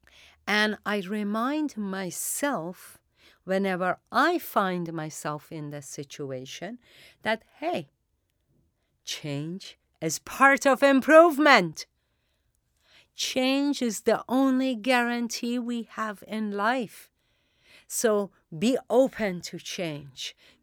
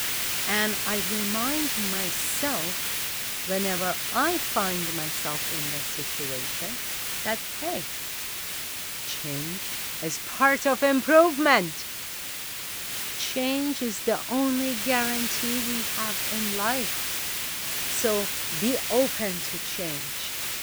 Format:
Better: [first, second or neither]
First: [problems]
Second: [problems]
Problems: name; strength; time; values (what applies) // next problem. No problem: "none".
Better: first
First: none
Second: hiss; loud; throughout; as loud as the speech